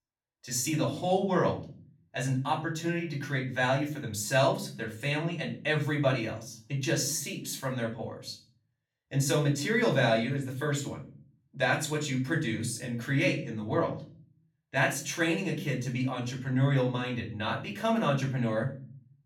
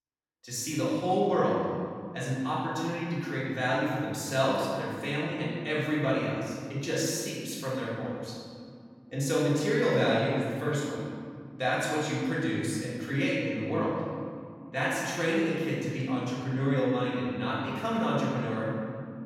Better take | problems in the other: first | room echo; strong; dies away in 2 s; slight in the first // off-mic speech; far; far in the first

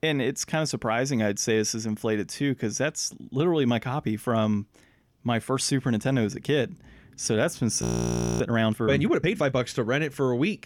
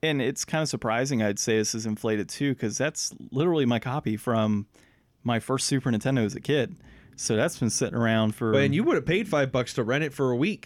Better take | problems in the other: second | audio freezing; at 8 s for 0.5 s

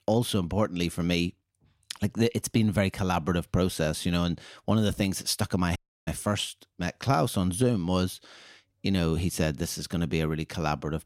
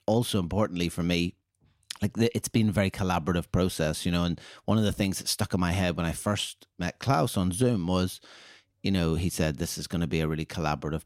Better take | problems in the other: second | audio cutting out; at 6 s

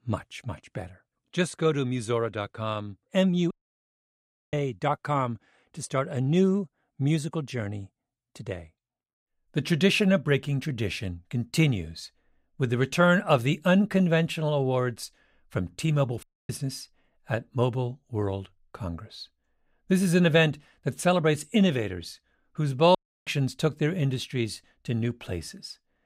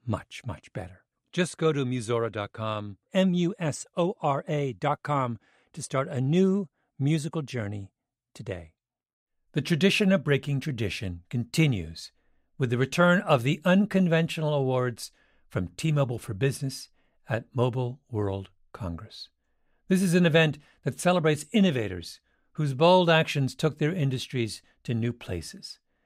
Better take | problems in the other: second | audio cutting out; at 3.5 s for 1 s, at 16 s and at 23 s

